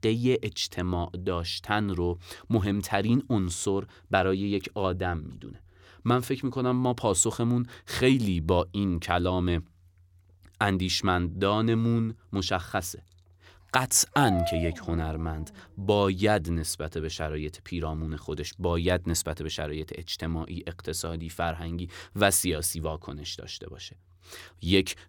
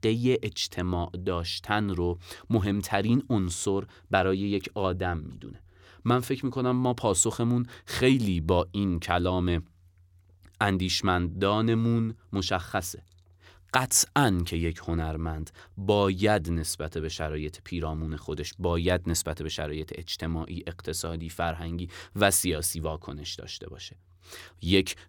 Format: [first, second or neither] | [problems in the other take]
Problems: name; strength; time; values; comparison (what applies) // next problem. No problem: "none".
second | dog barking; noticeable; from 14 to 16 s; peak 3 dB below the speech